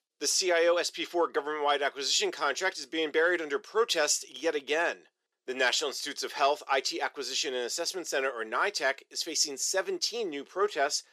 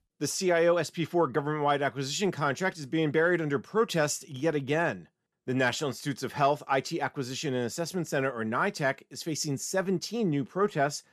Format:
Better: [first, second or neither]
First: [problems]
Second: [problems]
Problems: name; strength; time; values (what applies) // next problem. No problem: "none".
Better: second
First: thin; very; fading below 400 Hz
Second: none